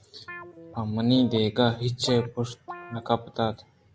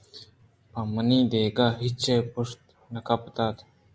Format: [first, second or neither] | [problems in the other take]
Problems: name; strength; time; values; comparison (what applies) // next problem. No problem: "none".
second | background sound (Guitar); 18 dB below the speech